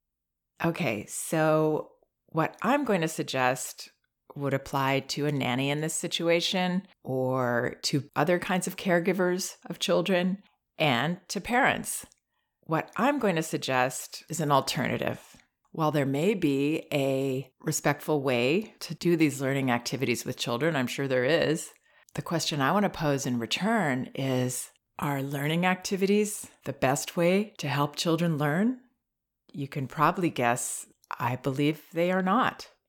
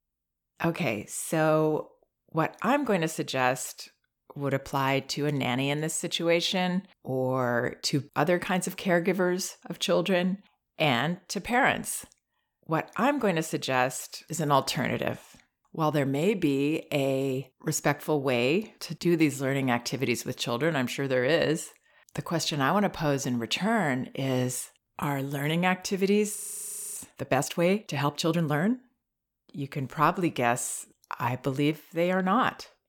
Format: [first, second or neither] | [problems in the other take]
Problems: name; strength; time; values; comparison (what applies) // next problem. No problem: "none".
first | audio freezing; at 26 s for 0.5 s